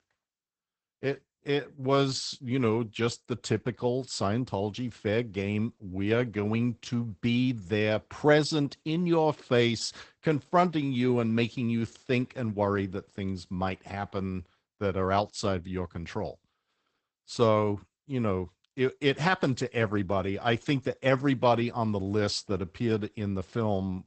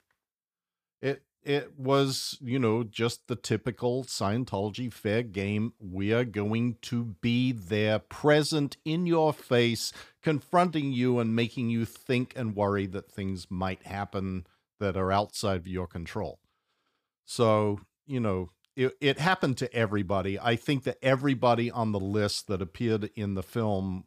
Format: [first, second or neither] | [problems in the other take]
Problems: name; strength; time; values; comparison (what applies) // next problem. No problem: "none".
second | garbled, watery; badly; nothing above 8 kHz